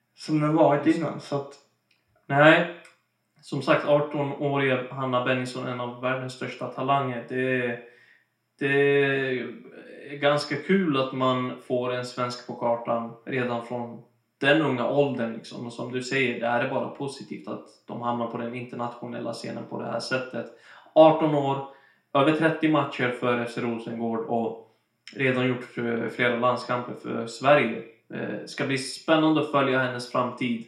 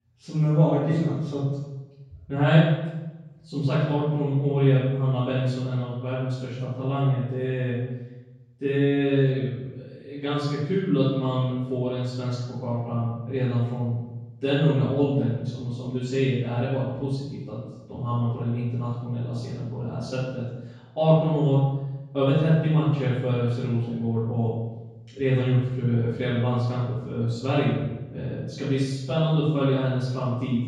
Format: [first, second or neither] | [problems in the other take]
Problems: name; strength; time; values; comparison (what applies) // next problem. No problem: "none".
first | room echo; strong; dies away in 1.4 s; slight in the first // off-mic speech; far; somewhat distant in the first